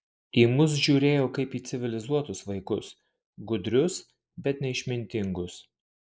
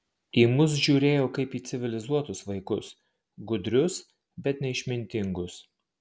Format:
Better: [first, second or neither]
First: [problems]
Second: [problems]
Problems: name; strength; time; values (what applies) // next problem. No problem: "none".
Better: second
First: noise reduction (neural mask model Resemble Enhance denoiser)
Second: none